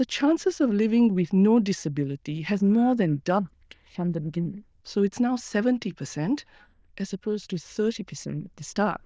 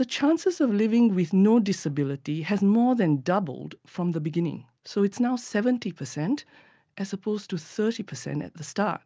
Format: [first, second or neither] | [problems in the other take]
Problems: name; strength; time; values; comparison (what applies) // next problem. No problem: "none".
second | noise reduction (neural diffusion model UNIVERSE++)